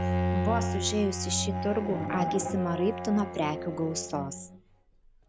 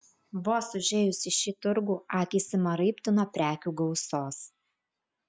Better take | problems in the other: second | background sound (Bowed string instrument); 2 dB below the speech

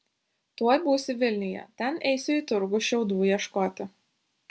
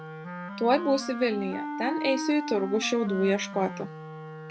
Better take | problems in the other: first | background sound (Wind instrument, woodwind instrument); 8 dB below the speech

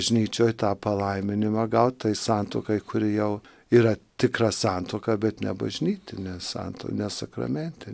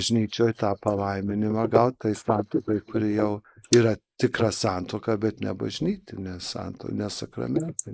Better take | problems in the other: first | noise reduction (neural mask model Resemble Enhance denoiser)

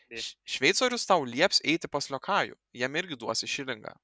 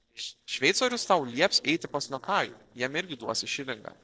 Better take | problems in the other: first | noise reduction (neural separator model SepFormer DNS4)

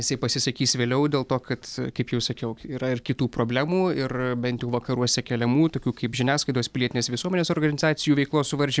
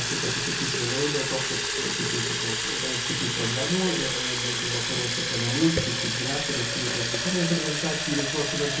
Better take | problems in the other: first | background sound (Fill (with liquid) / Water tap, faucet); 2 dB above the speech // room echo; dies away in 0.6 s

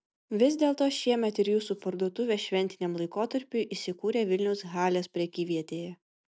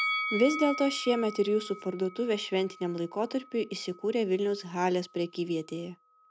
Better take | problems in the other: first | background sound (Bell); 10 dB below the speech

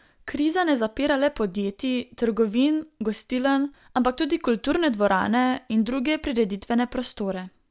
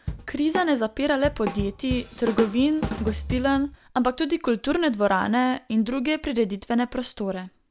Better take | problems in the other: first | background sound (Drum / Drum kit); 8 dB below the speech

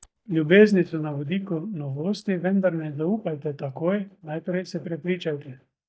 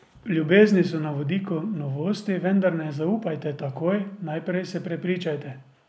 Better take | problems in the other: second | noise reduction (neural mask model DeepFilterNet 3)

